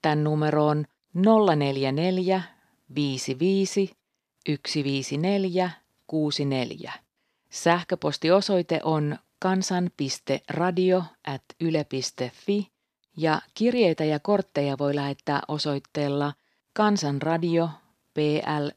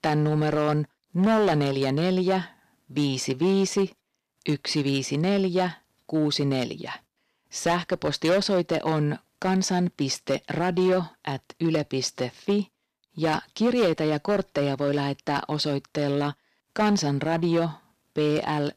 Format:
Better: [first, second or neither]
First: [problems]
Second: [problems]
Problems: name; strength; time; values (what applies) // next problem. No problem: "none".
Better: first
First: none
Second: distortion; slight; 6% of the sound clipped